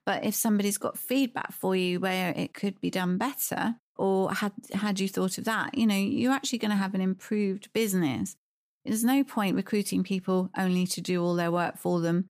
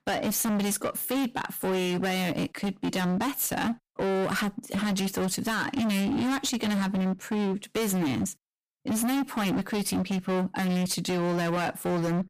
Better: first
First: none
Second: distortion; heavy; 32% of the sound clipped

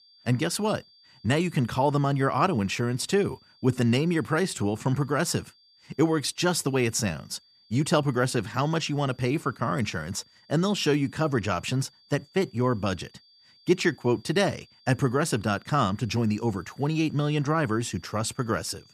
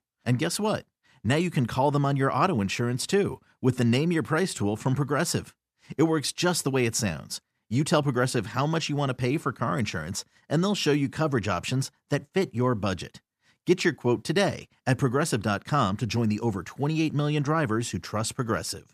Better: second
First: high-pitched whine; faint; throughout; 4.5 kHz, 30 dB below the speech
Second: none

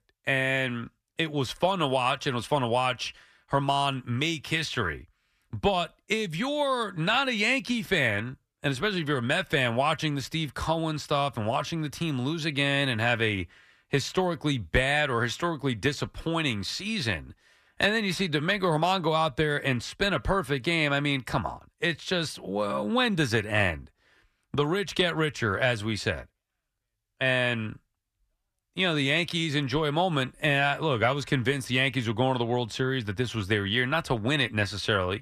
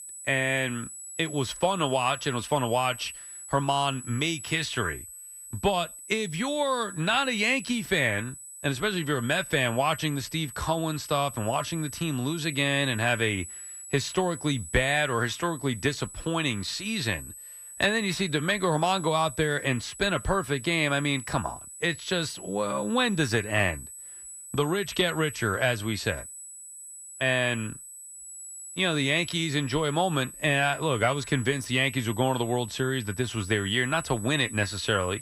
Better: first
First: none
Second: high-pitched whine; noticeable; throughout; 8 kHz, 15 dB below the speech

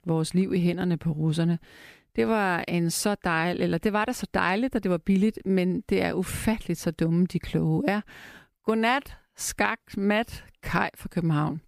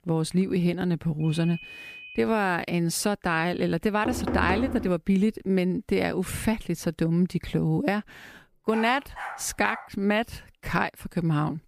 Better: first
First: none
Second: phone ringing; faint; from 1 to 2 s; peak 15 dB below the speech // door banging; noticeable; at 4 s; peak 2 dB below the speech // dog barking; faint; from 8.5 to 10 s; peak 10 dB below the speech

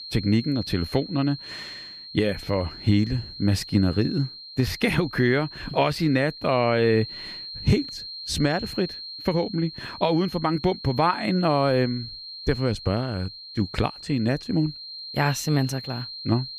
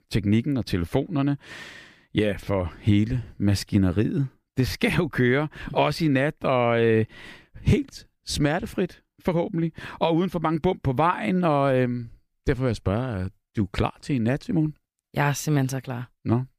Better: second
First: high-pitched whine; noticeable; throughout; 4 kHz, 10 dB below the speech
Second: none

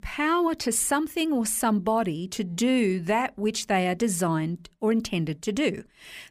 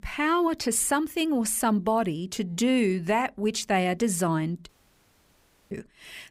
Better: first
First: none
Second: audio cutting out; at 4.5 s for 1 s

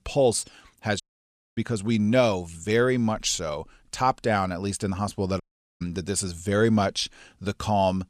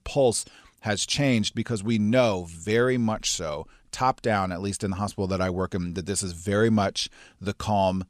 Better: second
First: audio cutting out; at 1 s for 0.5 s and at 5.5 s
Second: none

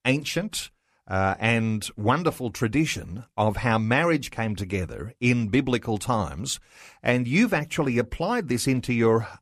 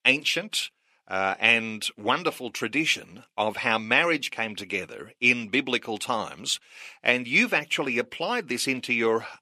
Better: first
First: none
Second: thin; very slightly; fading below 300 Hz

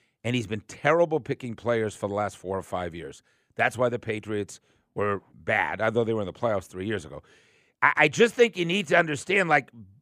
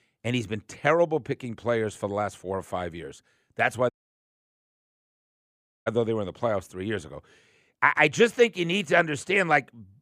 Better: first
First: none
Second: audio cutting out; at 4 s for 2 s

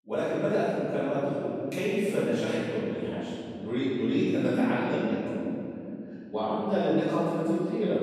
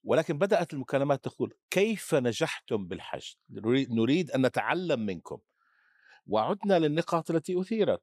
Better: second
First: room echo; strong; dies away in 3 s // off-mic speech; far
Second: none

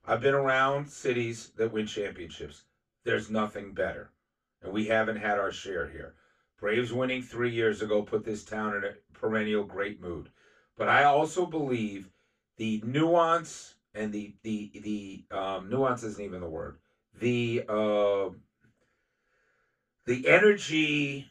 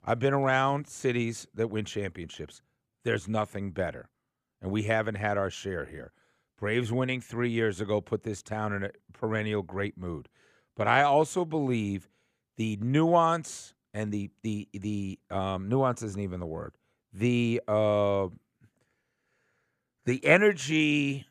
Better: second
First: room echo; very slight; dies away in 0.2 s // off-mic speech; far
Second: none

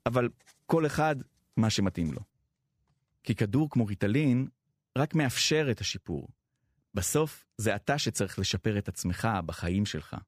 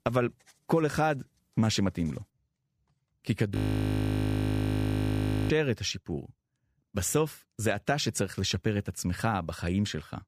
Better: first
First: none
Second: audio freezing; at 3.5 s for 2 s

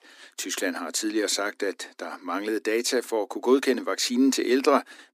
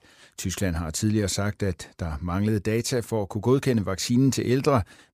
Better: second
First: thin; very slightly; fading below 250 Hz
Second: none

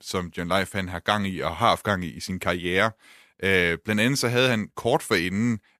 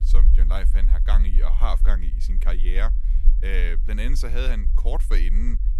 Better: first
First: none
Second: low rumble; noticeable; throughout; 15 dB below the speech

